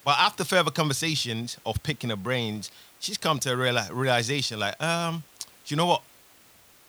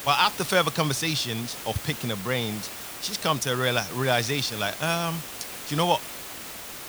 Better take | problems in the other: first | hiss; loud; throughout; 9 dB below the speech; faint in the first

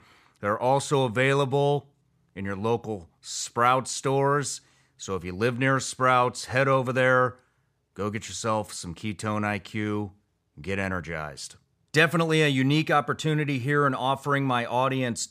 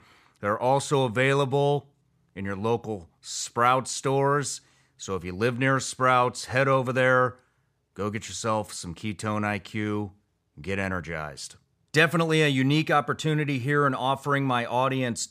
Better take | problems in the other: neither | none

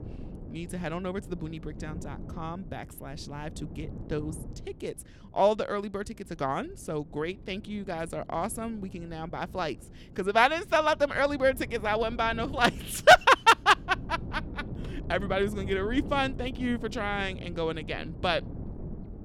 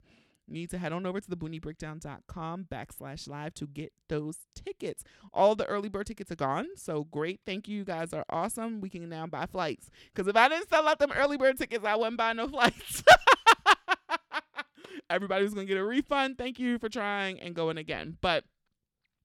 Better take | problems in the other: second | wind noise on the microphone; occasional gusts; 25 dB below the speech

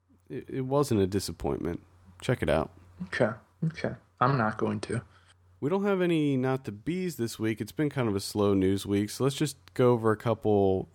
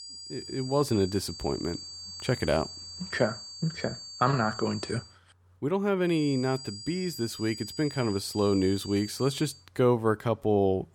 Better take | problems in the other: first | high-pitched whine; noticeable; until 5 s and from 6 to 9.5 s; 4.5 kHz, 10 dB below the speech

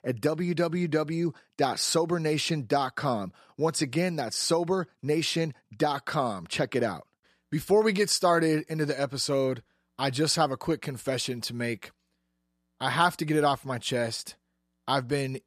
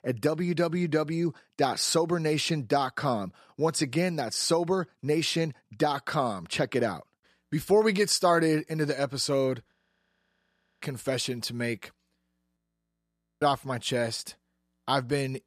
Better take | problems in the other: first | audio freezing; at 9.5 s for 1 s and at 13 s for 1 s

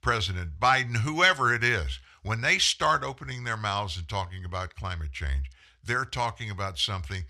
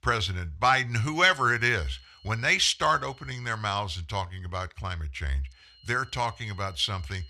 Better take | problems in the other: first | high-pitched whine; faint; from 1 to 4 s and from 5.5 s on; 4 kHz, 25 dB below the speech

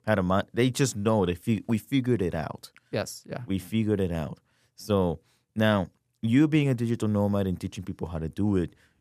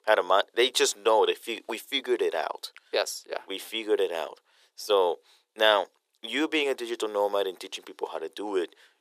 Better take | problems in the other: first | thin; very; fading below 400 Hz

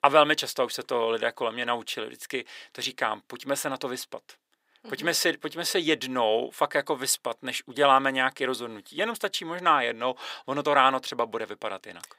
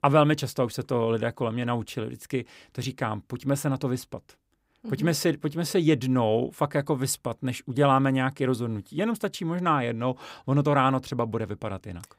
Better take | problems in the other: second | thin; somewhat; fading below 500 Hz

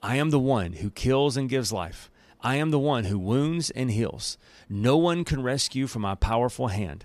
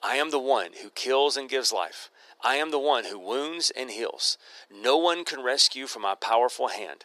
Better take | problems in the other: first | thin; very; fading below 350 Hz

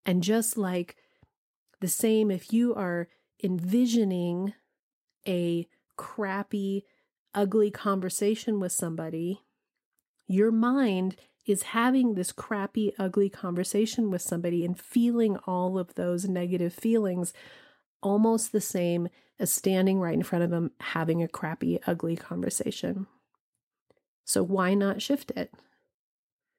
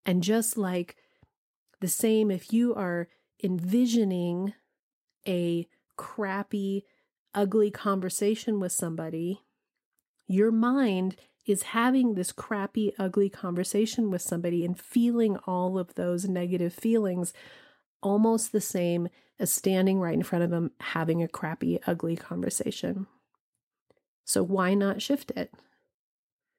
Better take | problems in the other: neither | none

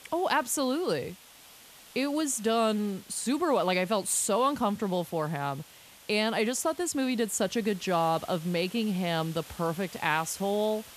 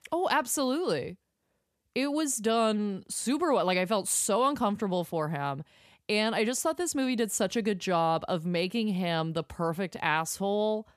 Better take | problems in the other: second | hiss; noticeable; throughout; 20 dB below the speech

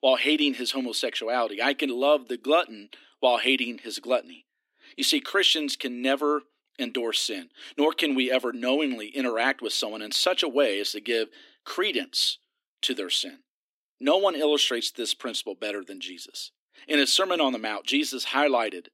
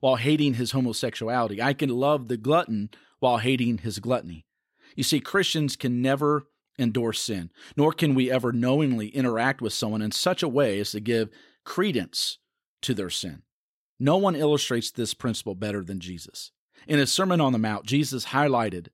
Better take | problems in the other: second | thin; very slightly; fading below 250 Hz

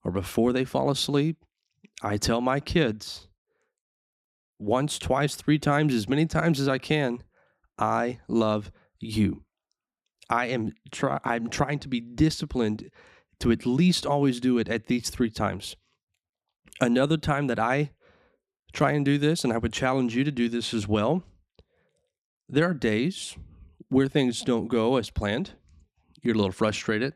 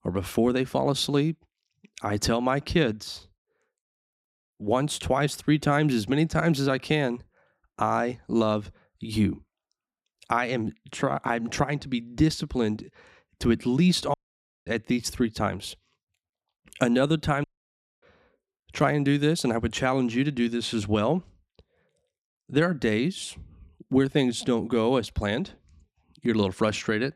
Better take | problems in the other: first | audio cutting out; at 14 s for 0.5 s and at 17 s for 0.5 s

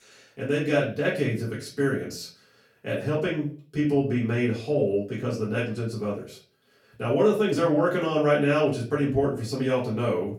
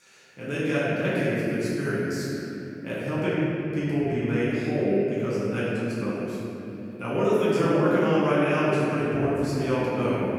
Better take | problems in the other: first | room echo; strong; dies away in 3 s; slight in the first // off-mic speech; far; far in the first

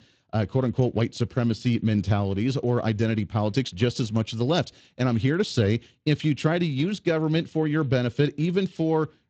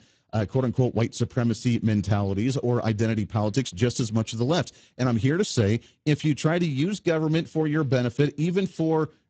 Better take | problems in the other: first | garbled, watery; badly; nothing above 8 kHz; slightly in the first

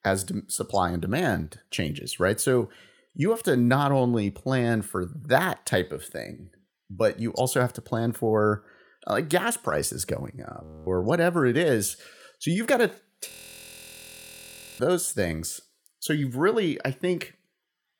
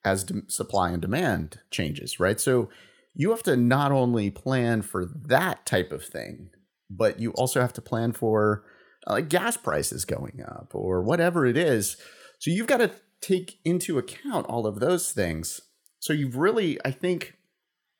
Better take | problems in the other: second | audio freezing; at 11 s and at 13 s for 1.5 s

